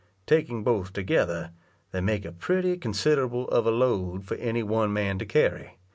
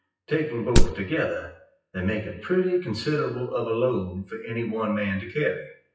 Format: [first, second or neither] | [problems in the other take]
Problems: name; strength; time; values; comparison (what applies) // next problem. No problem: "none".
first | noise reduction (classical method WPE with log-MMSE)